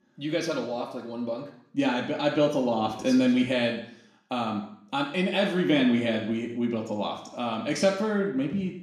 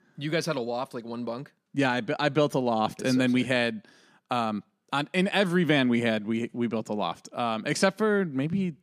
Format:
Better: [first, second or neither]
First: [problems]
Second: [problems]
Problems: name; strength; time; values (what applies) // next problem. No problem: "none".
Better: second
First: room echo; noticeable; dies away in 0.7 s // off-mic speech; somewhat distant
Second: none